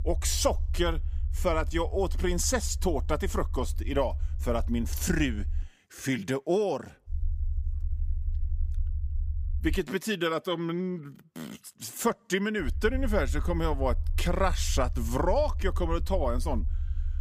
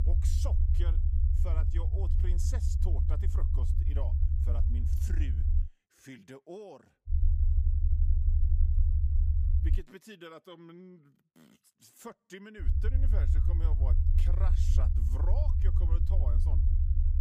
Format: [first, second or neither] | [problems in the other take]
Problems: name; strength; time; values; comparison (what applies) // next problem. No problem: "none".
first | low rumble; loud; until 5.5 s, from 7 to 10 s and from 13 s on; as loud as the speech; faint in the first